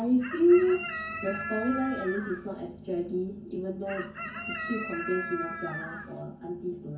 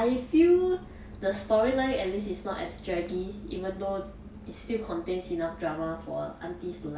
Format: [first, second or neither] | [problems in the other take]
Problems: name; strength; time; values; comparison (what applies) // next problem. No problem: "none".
second | background sound (Chicken, rooster); 8 dB below the speech // room echo; dies away in 0.3 s